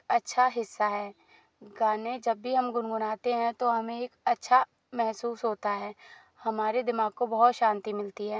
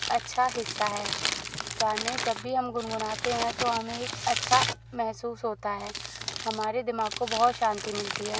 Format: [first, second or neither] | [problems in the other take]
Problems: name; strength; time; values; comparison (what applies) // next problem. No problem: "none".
first | background sound (Crumpling, crinkling); 5 dB below the speech